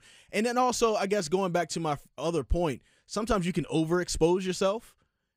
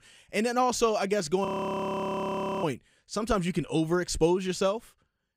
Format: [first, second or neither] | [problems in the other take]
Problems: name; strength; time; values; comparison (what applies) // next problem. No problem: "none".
first | audio freezing; at 1.5 s for 1 s